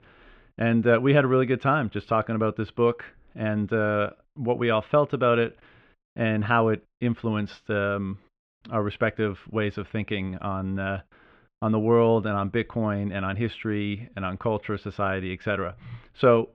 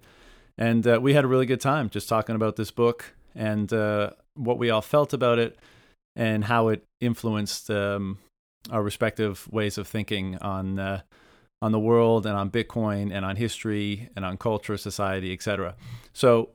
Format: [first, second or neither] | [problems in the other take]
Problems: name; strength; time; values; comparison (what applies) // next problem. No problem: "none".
second | muffled; very; fading above 3 kHz